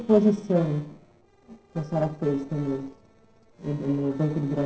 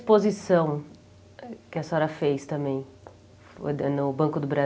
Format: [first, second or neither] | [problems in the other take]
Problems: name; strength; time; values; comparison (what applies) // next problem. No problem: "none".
second | noise reduction (neural separator model SepFormer DNS4)